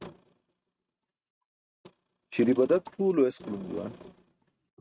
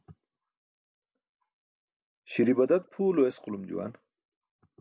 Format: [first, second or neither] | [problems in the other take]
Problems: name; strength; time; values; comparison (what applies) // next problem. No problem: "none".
second | noise reduction (neural mask model RNNoise)